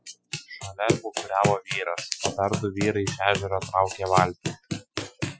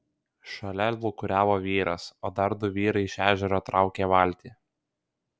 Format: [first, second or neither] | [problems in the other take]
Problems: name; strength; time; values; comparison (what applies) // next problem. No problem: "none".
second | noise reduction (classical method Wiener filter)